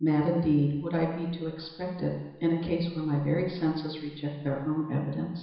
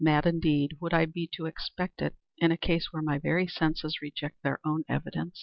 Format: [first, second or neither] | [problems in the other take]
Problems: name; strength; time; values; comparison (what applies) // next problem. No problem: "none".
second | room echo; dies away in 1 s